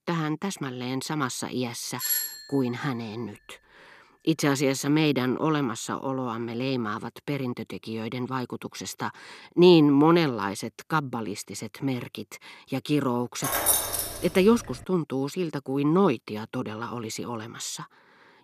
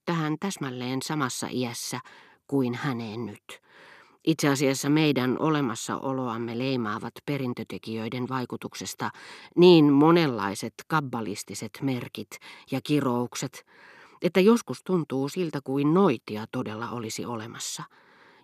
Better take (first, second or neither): second